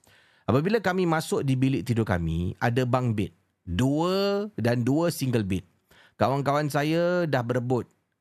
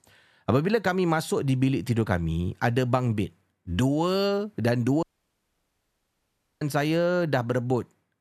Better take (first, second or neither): first